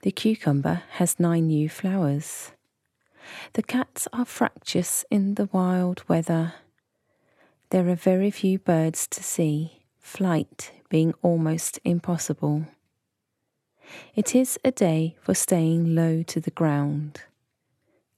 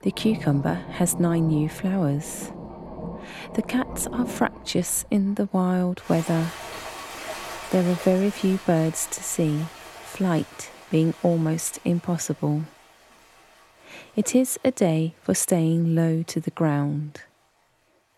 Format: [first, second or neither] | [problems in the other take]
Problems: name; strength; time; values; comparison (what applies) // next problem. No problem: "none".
first | rain or running water; noticeable; throughout; 15 dB below the speech